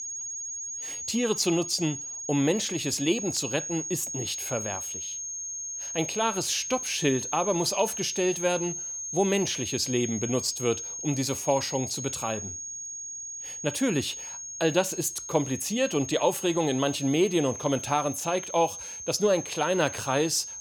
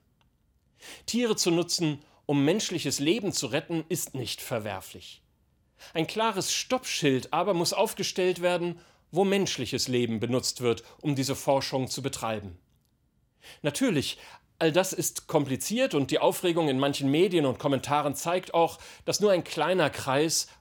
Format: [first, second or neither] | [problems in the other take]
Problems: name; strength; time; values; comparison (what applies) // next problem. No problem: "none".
second | high-pitched whine; loud; throughout; 6.5 kHz, 6 dB below the speech